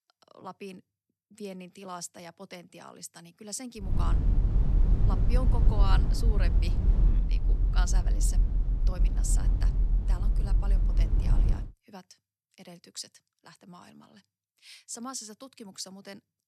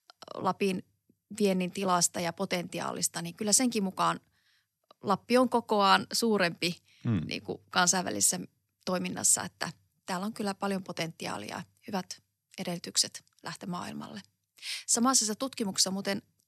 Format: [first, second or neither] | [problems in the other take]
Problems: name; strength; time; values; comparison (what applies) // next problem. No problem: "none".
second | low rumble; loud; from 4 to 12 s; 3 dB below the speech